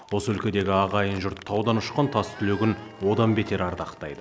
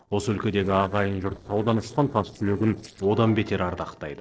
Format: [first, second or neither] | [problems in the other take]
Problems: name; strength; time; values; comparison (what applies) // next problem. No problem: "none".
first | noise reduction (neural separator model SepFormer DNS4)